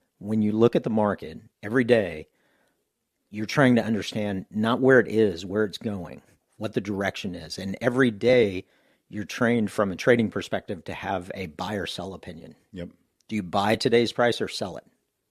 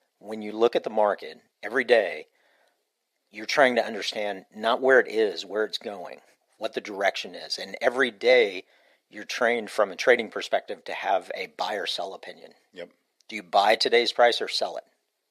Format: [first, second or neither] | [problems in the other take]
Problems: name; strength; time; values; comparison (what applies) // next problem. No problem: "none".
first | thin; very; fading below 500 Hz